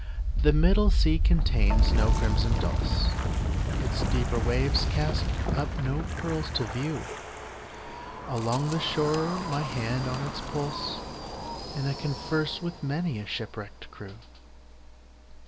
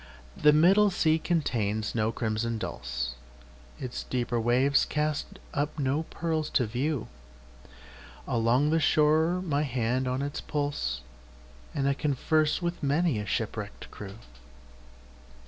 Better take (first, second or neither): second